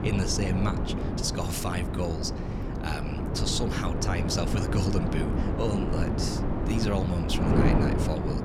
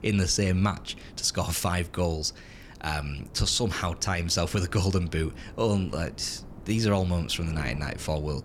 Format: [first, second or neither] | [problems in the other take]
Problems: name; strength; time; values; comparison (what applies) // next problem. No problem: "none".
second | wind noise on the microphone; heavy; 1 dB below the speech; occasional gusts in the second